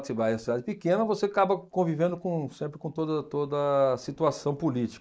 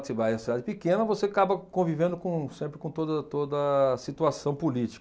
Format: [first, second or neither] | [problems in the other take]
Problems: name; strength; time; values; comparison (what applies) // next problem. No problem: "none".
second | noise reduction (neural mask model Resemble Enhance denoiser)